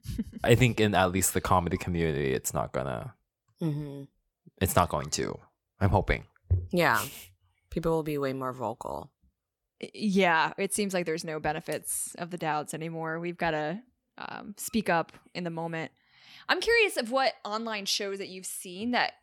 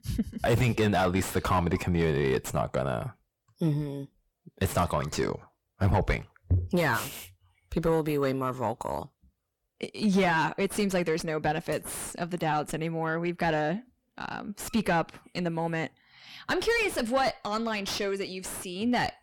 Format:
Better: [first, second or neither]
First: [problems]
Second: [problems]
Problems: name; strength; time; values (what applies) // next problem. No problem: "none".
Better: first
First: none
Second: distortion; heavy; 5 dB below the speech